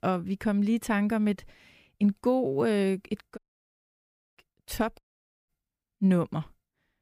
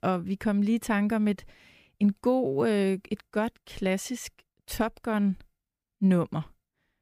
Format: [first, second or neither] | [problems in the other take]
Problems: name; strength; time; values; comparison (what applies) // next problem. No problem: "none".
second | audio cutting out; at 3.5 s for 1 s and at 5 s